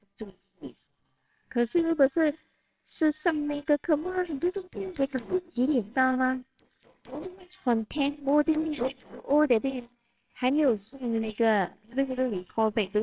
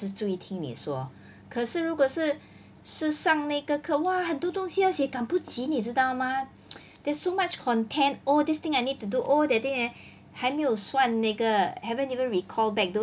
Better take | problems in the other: second | noise reduction (neural separator model SepFormer WHAMR!)

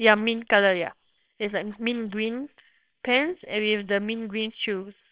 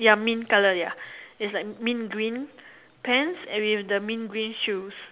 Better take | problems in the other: second | noise reduction (neural separator model SepFormer WHAMR!)

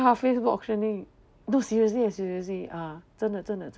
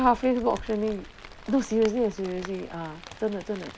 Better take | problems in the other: first | background sound (Rain); 16 dB below the speech

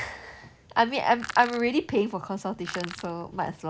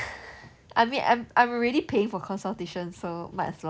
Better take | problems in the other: second | background sound (Crushing); 13 dB below the speech

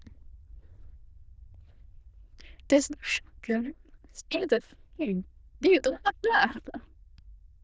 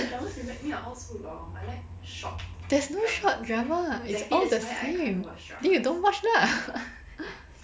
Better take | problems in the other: second | noise reduction (neural diffusion model UNIVERSE++)

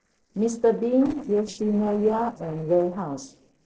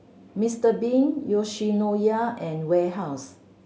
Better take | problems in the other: second | noise reduction (neural separator model SepFormer DNS4)

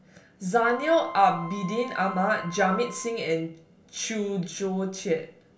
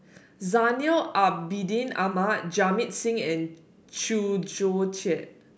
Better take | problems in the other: second | background sound (Wind instrument, woodwind instrument); 14 dB below the speech // room echo; dies away in 0.2 s

